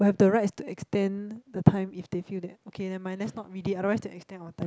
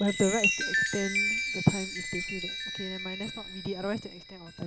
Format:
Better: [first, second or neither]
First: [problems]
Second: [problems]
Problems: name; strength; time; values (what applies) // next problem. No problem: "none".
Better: first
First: none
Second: background sound (Chime); as loud as the speech